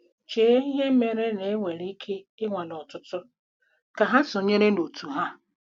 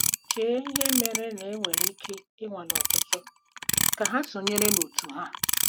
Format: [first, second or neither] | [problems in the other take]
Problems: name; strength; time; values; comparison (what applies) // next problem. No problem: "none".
first | background sound (Clock); 4 dB above the speech